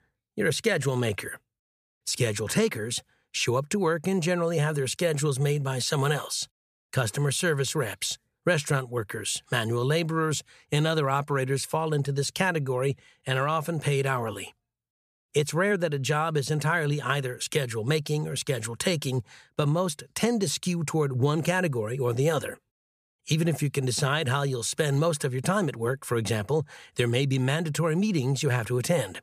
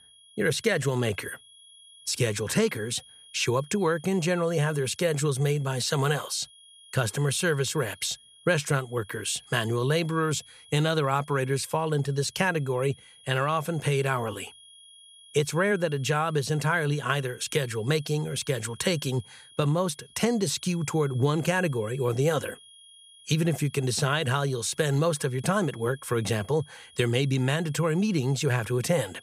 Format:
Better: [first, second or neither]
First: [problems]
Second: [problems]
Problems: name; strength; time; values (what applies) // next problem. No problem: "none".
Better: first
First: none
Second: high-pitched whine; faint; throughout; 3.5 kHz, 25 dB below the speech